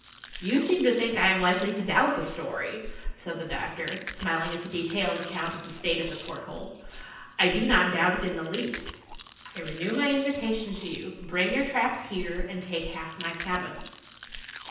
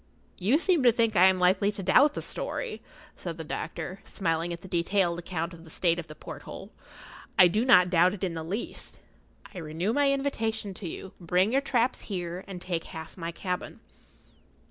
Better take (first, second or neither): second